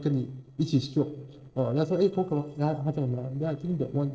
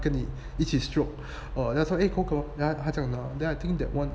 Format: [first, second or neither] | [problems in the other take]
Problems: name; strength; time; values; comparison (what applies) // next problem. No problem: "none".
second | noise reduction (neural separator model SepFormer DNS4)